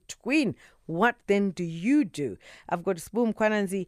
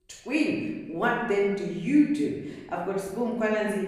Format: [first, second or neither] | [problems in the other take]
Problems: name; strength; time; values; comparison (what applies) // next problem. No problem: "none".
first | off-mic speech; far // room echo; noticeable; dies away in 1.1 s